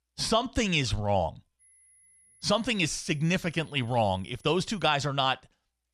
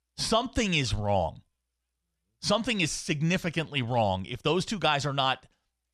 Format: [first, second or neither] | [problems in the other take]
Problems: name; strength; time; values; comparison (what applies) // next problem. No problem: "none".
second | high-pitched whine; faint; from 1.5 to 5 s; 10.5 kHz, 30 dB below the speech